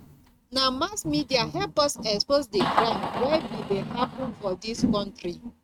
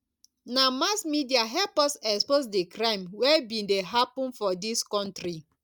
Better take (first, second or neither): second